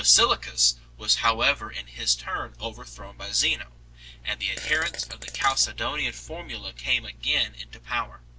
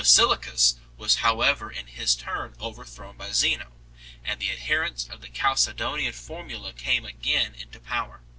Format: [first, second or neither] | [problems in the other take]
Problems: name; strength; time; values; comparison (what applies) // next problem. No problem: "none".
second | background sound (Fart); 15 dB below the speech